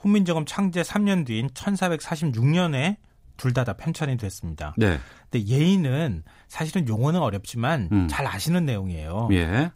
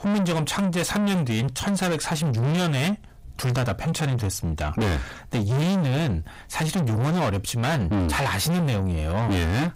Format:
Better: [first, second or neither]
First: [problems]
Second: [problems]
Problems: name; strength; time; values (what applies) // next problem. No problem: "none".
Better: first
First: none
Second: distortion; heavy; 6 dB below the speech